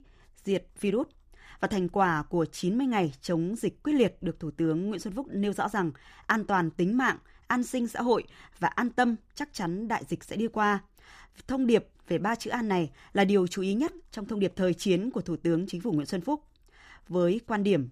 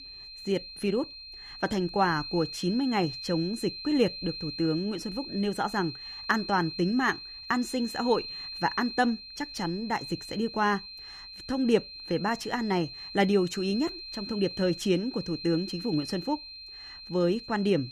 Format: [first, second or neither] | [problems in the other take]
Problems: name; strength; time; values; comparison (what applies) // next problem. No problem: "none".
first | high-pitched whine; loud; throughout; 4 kHz, 10 dB below the speech